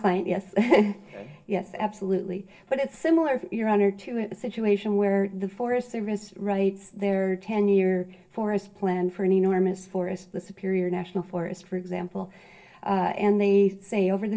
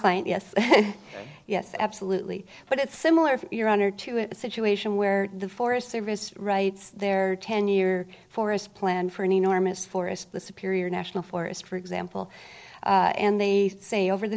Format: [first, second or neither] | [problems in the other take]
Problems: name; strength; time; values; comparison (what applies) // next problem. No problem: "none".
second | room echo; dies away in 0.2 s